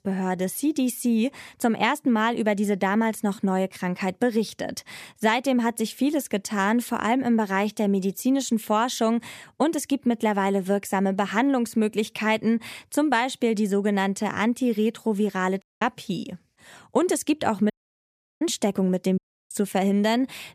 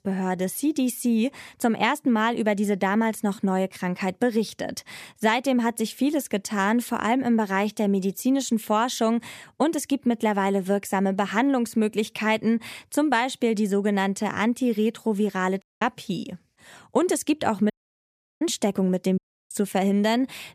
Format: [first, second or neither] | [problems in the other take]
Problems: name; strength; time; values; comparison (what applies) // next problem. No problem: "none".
neither | audio cutting out; at 16 s, at 18 s for 0.5 s and at 19 s; the same in both